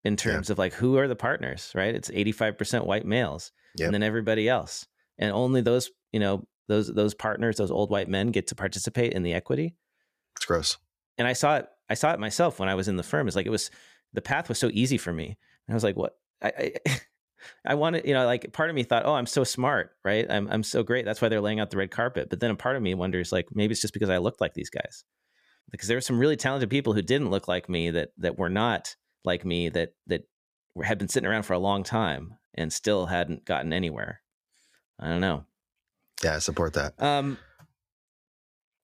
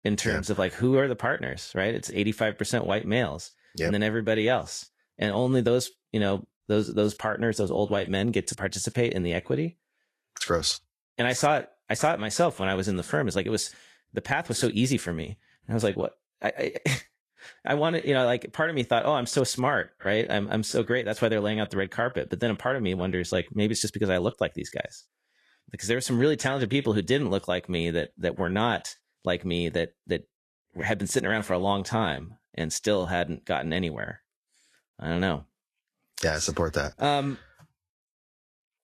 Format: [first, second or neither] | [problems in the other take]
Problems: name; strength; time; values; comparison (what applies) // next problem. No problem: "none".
first | garbled, watery; slightly; nothing above 12.5 kHz